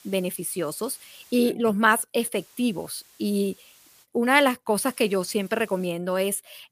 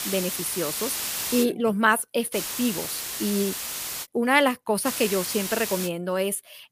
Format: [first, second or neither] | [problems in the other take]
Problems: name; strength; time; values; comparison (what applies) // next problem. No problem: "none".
first | hiss; loud; until 1.5 s, from 2.5 to 4 s and from 5 to 6 s; 4 dB below the speech; faint in the first